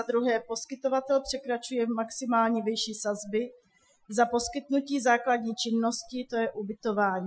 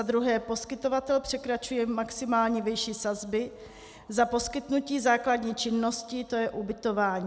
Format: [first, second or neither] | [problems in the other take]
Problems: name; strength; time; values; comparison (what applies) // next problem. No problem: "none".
second | noise reduction (classical method Wiener filter)